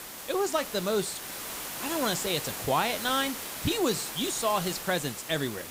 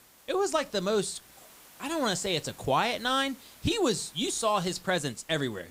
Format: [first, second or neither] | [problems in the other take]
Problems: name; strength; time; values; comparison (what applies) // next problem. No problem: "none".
second | hiss; loud; throughout; 6 dB below the speech; faint in the second